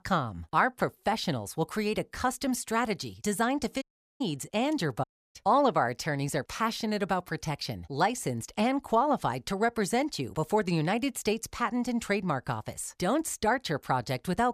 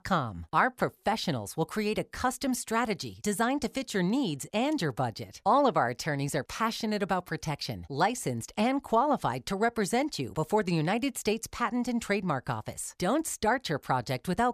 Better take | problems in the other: second | audio cutting out; at 4 s and at 5 s

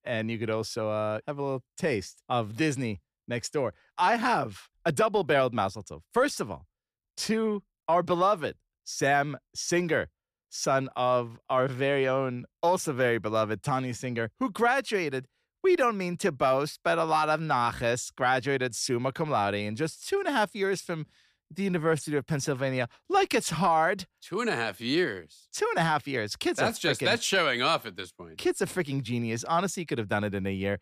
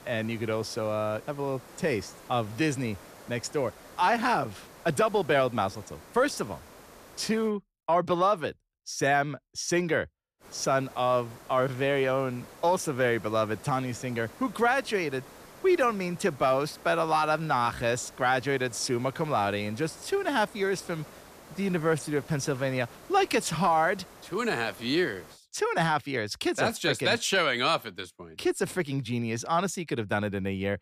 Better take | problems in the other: first | hiss; faint; until 7.5 s and from 10 to 25 s; 20 dB below the speech

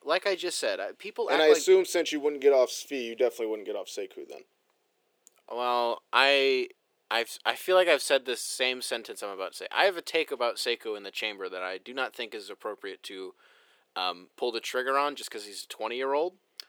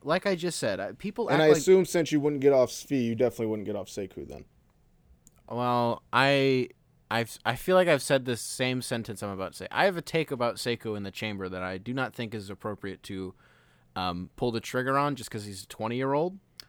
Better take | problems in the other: second | thin; somewhat; fading below 400 Hz

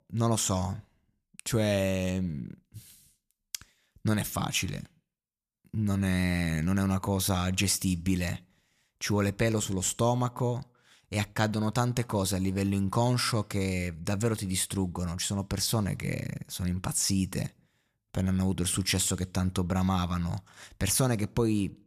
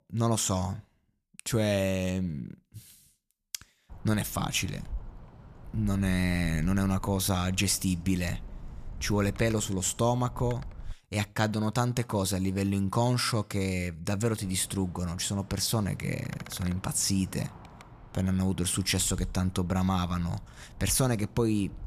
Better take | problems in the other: first | wind noise on the microphone; occasional gusts; from 4 to 11 s and from 14 s on; 20 dB below the speech

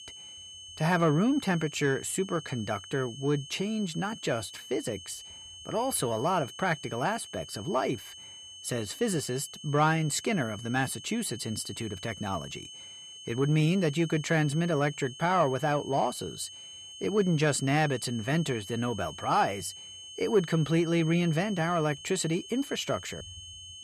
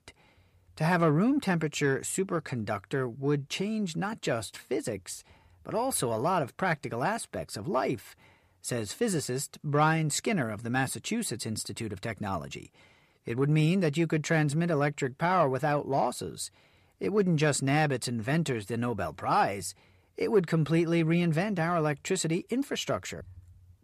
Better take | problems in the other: second | high-pitched whine; noticeable; throughout; 3 kHz, 15 dB below the speech

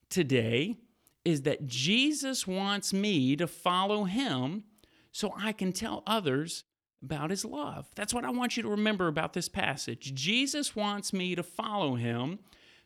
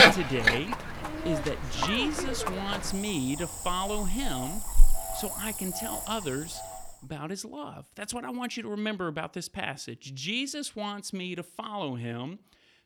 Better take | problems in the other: first | animal sounds; very loud; until 7 s; 3 dB above the speech

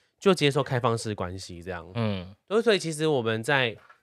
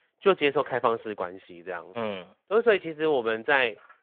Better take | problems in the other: first | phone-call audio

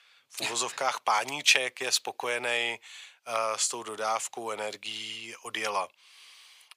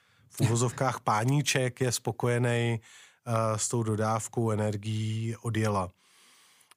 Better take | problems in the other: second | thin; very; fading below 700 Hz

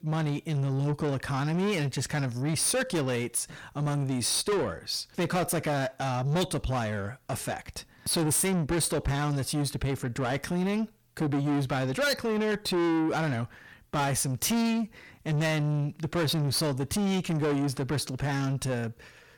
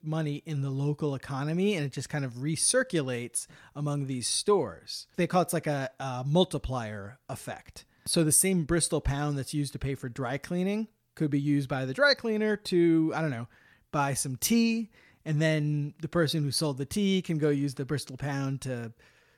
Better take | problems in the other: second | distortion; heavy; 6 dB below the speech

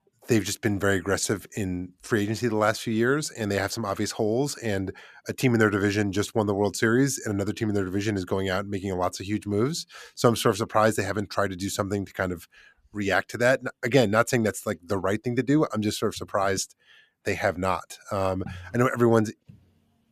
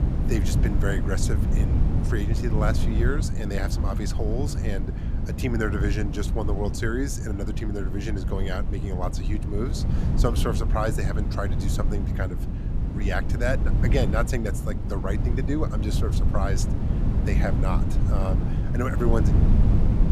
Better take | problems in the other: first | wind noise on the microphone; heavy; 5 dB below the speech

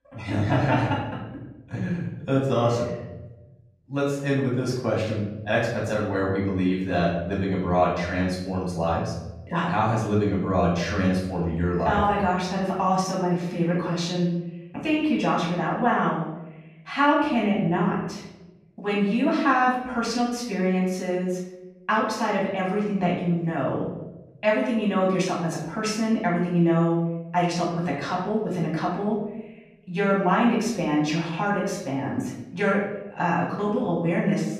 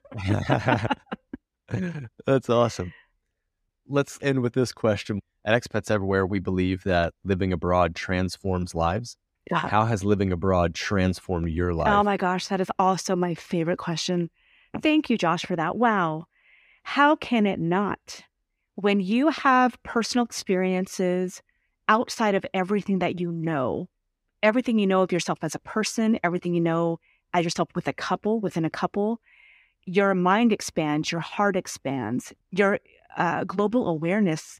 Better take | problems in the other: second | off-mic speech; far // room echo; noticeable; dies away in 0.9 s

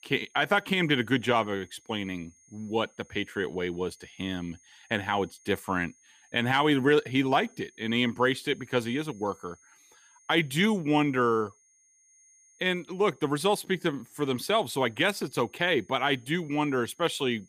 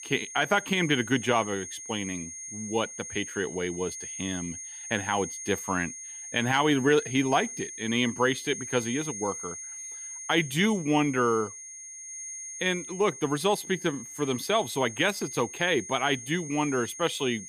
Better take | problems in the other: first | high-pitched whine; loud; throughout; 6.5 kHz, 10 dB below the speech; faint in the first

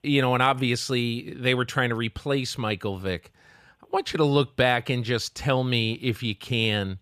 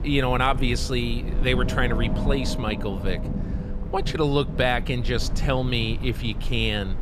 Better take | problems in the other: first | low rumble; noticeable; throughout; 10 dB below the speech

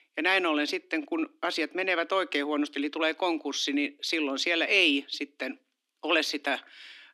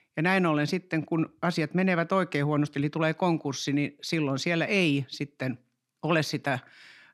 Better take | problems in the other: second | thin; very slightly; fading below 250 Hz

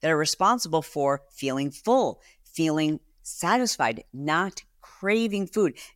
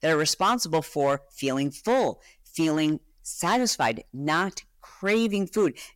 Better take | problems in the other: first | distortion; slight; 6% of the sound clipped

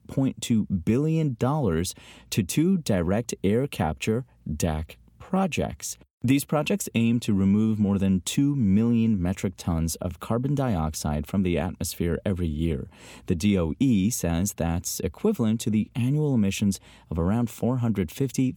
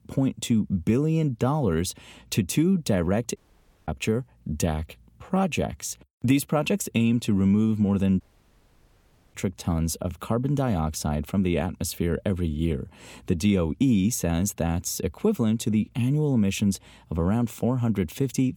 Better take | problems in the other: first | audio cutting out; at 3.5 s for 0.5 s and at 8 s for 1 s

